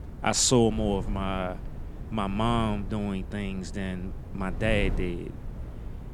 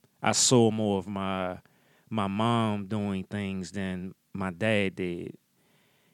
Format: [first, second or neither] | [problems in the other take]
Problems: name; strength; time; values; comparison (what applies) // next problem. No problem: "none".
second | wind noise on the microphone; occasional gusts; 20 dB below the speech